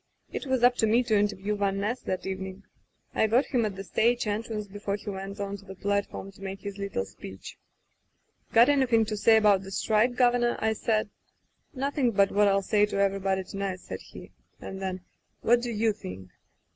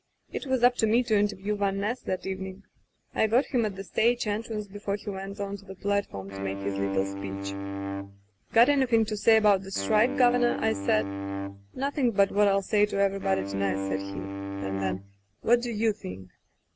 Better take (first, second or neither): first